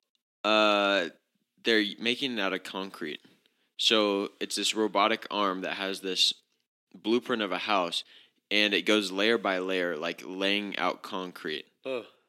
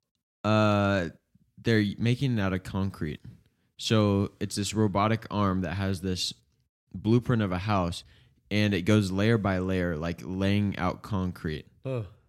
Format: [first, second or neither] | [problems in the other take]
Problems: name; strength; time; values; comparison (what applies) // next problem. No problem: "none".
second | thin; somewhat; fading below 300 Hz